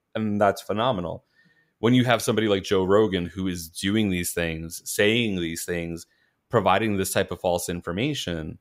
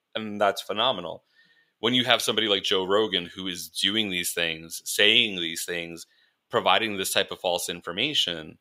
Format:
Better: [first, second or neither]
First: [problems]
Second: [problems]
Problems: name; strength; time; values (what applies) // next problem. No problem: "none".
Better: first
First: none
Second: thin; very slightly; fading below 1 kHz